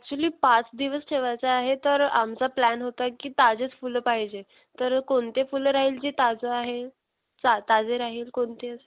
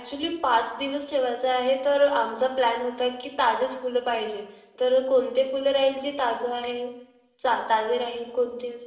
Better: first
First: none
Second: room echo; dies away in 0.9 s

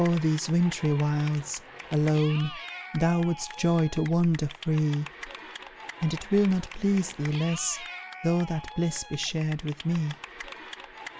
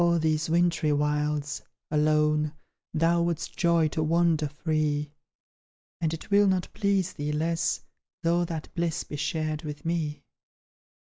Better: second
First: background sound (Cheering / Clapping); 15 dB below the speech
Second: none

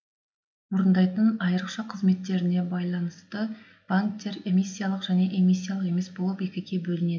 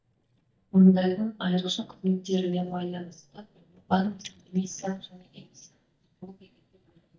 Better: first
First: none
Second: noise reduction (neural mask model DeepFilterNet 3)

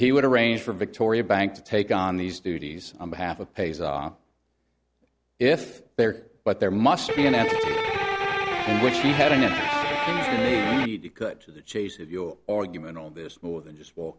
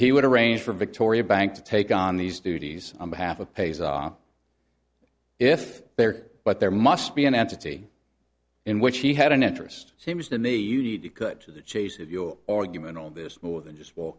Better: second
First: background sound (Electric guitar); 1 dB above the speech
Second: none

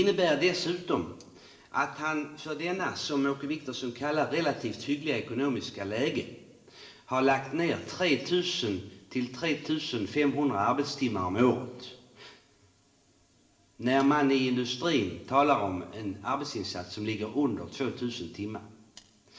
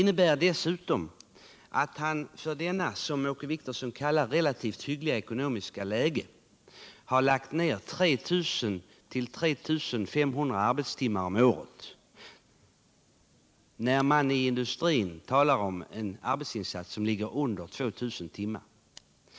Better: second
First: room echo; dies away in 0.8 s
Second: none

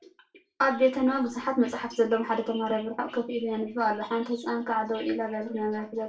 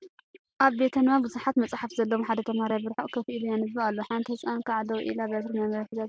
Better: second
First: room echo; dies away in 0.3 s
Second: none

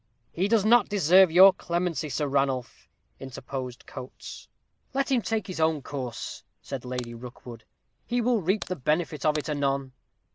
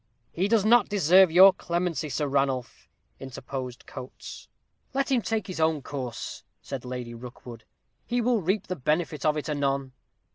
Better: second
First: background sound (Crack); 16 dB below the speech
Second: none

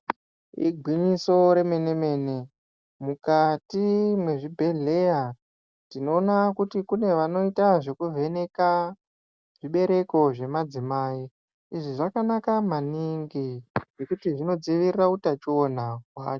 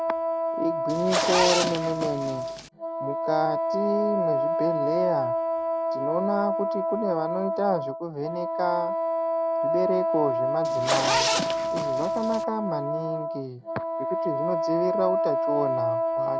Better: first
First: none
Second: background sound (Wind instrument, woodwind instrument + Zipper (clothing)); 4 dB above the speech

